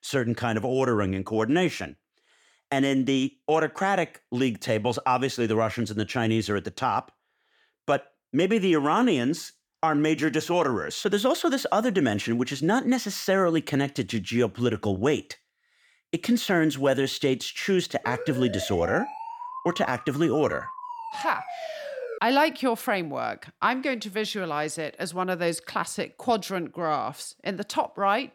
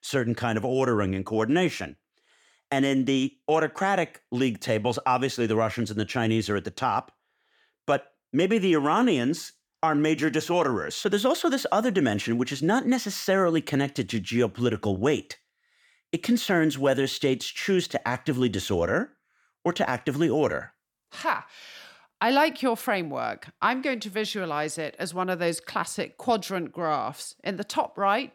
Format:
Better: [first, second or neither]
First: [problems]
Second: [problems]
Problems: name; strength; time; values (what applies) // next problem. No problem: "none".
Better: second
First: siren; noticeable; from 18 to 22 s; peak 9 dB below the speech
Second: none